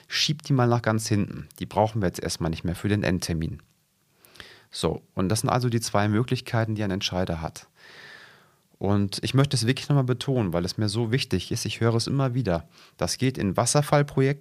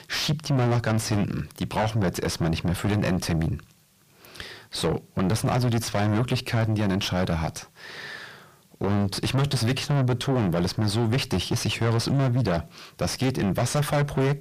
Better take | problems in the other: first | distortion; heavy; 5 dB below the speech

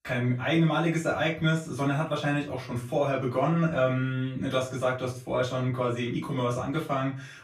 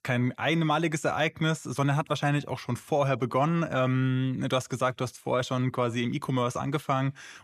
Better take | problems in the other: second | off-mic speech; far // room echo; slight; dies away in 0.3 s

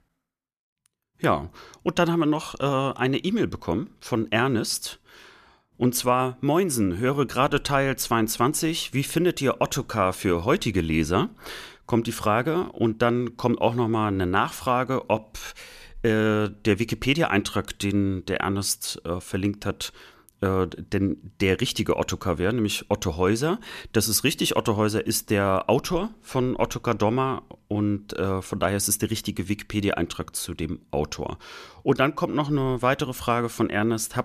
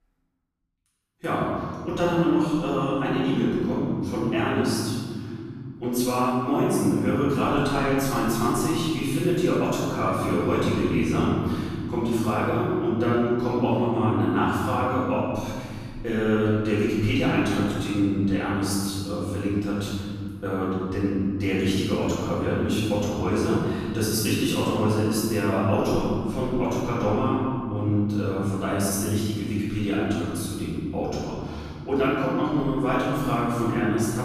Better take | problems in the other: first | room echo; strong; dies away in 3 s // off-mic speech; far

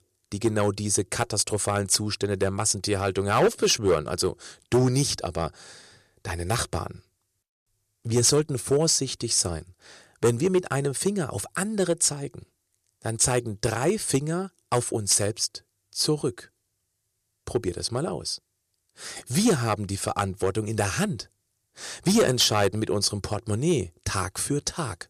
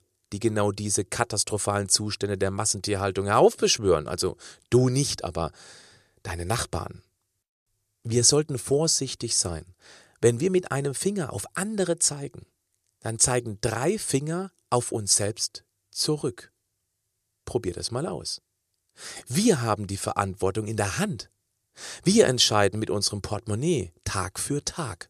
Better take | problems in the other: second | distortion; slight; 2% of the sound clipped

